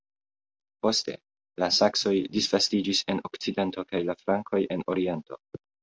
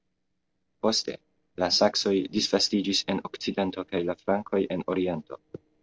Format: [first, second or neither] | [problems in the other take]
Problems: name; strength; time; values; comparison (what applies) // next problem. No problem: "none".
first | noise reduction (neural separator model SepFormer DNS4)